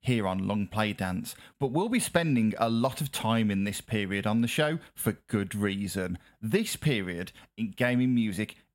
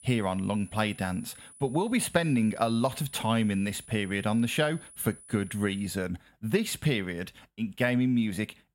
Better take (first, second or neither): first